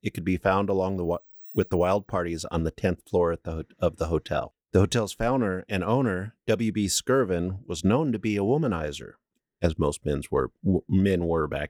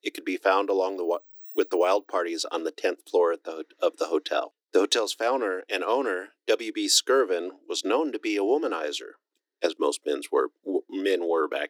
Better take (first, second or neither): first